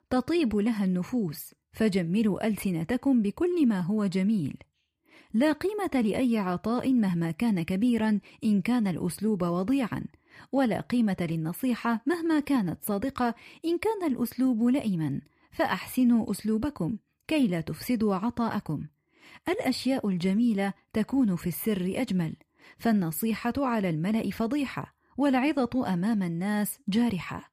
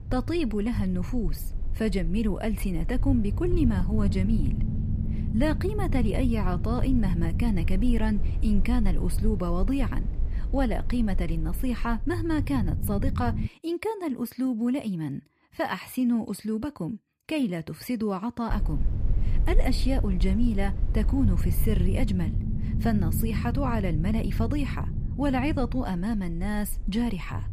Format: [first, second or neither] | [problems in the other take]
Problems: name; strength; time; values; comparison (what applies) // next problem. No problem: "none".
first | low rumble; noticeable; until 13 s and from 19 s on; 10 dB below the speech